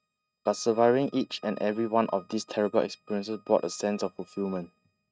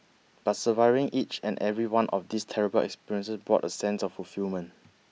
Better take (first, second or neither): second